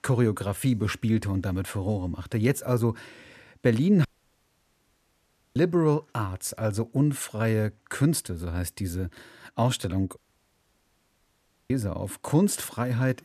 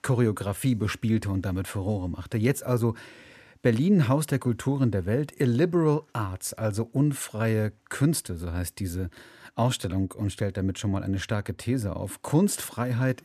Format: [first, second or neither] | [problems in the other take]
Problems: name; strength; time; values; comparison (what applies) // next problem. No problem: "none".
second | audio cutting out; at 4 s for 1.5 s and at 10 s for 1.5 s